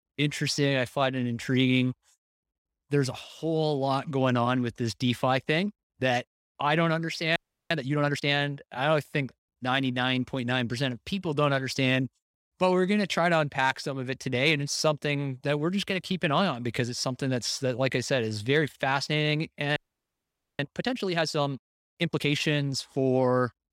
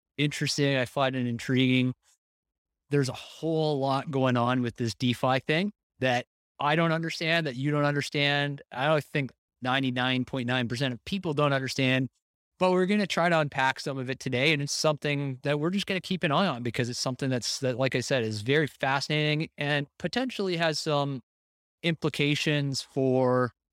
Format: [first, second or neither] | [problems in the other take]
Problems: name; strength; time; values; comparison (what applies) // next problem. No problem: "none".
second | audio freezing; at 7.5 s and at 20 s for 1 s